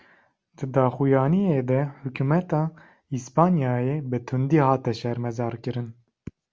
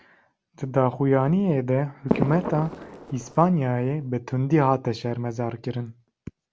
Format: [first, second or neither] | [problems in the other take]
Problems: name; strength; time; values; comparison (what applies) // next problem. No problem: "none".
first | background sound (Fireworks); 7 dB below the speech